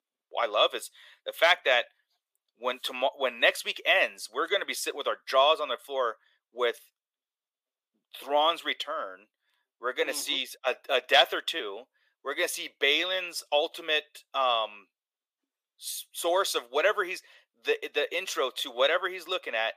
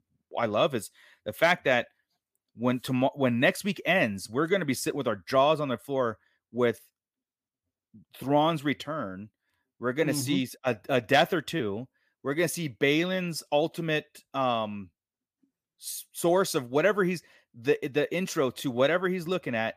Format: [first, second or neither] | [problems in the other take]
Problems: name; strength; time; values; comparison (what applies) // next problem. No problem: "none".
second | thin; very; fading below 450 Hz